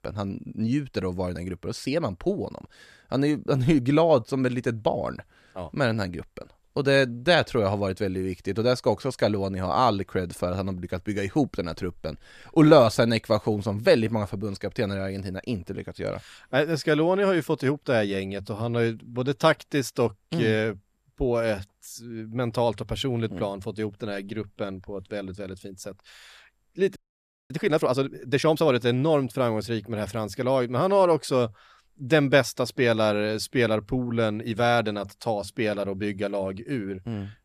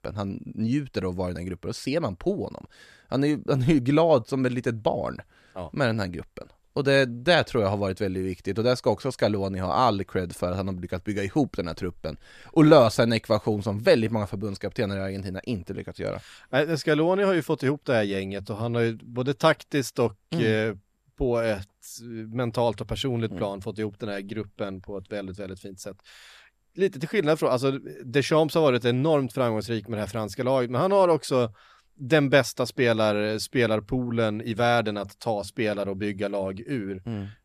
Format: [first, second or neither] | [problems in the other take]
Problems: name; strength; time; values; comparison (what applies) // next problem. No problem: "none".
second | audio freezing; at 27 s for 0.5 s